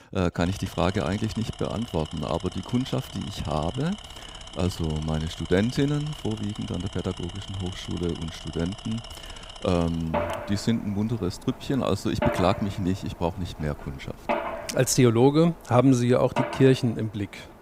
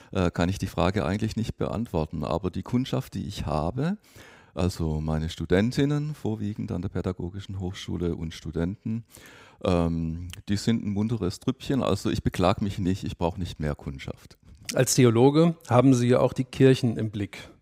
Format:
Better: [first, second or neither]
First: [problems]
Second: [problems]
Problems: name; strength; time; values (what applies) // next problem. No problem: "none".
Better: second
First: machinery noise; noticeable; throughout; 10 dB below the speech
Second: none